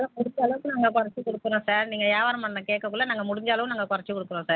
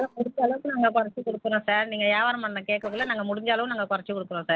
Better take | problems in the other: first | noise reduction (neural separator model SepFormer DNS4)

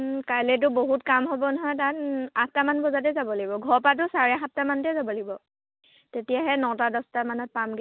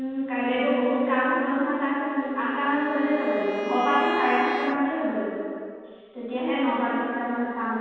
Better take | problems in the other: first | background sound (Bowed string instrument); 11 dB below the speech // room echo; dies away in 2.1 s

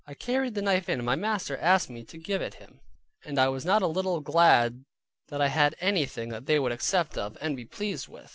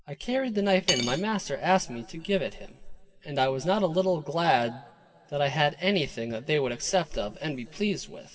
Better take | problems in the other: first | background sound (Cutlery, silverware / Dishes, pots, and pans); 6 dB below the speech // room echo; dies away in 2.3 s

